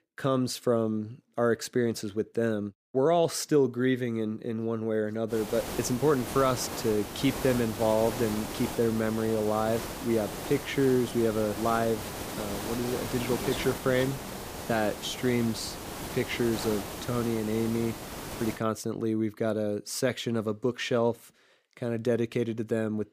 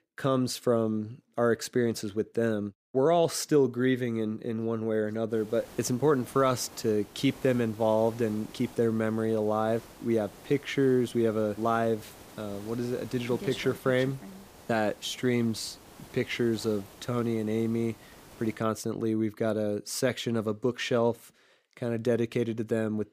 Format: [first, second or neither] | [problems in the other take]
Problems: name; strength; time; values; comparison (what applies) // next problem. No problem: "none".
second | hiss; loud; from 5.5 to 19 s; 8 dB below the speech; faint in the second